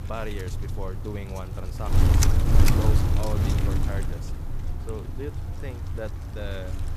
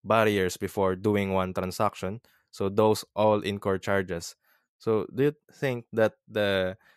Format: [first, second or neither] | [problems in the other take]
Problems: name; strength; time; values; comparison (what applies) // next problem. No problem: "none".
second | wind noise on the microphone; heavy; 2 dB above the speech